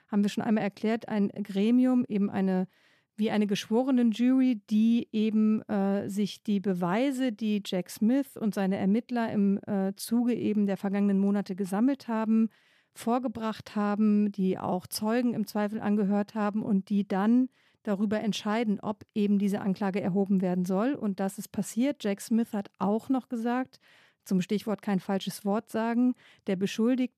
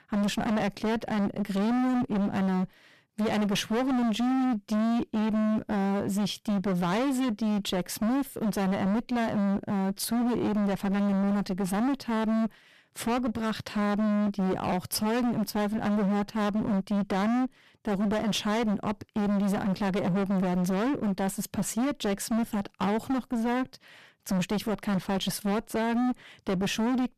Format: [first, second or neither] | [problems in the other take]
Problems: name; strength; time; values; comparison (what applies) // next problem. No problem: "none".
first | distortion; heavy; 35% of the sound clipped